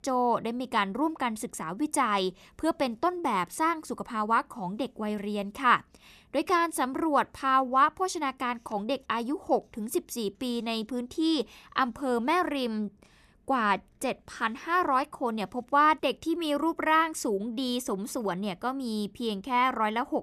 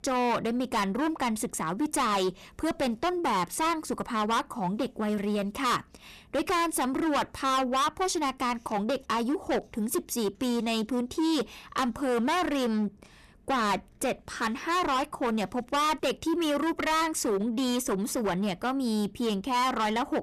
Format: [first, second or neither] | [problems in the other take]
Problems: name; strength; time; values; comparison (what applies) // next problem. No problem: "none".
first | distortion; heavy; 18% of the sound clipped